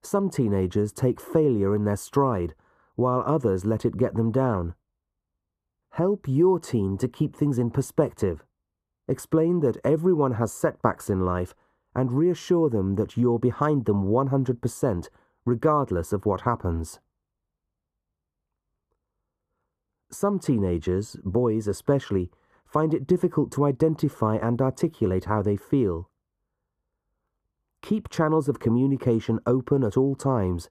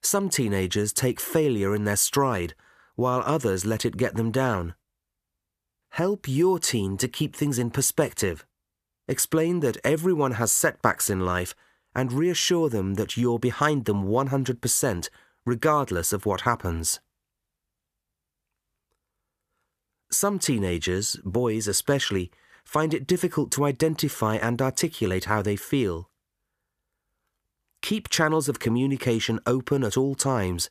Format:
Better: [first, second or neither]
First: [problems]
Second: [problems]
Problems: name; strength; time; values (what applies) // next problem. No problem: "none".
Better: second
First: muffled; very; fading above 1 kHz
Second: none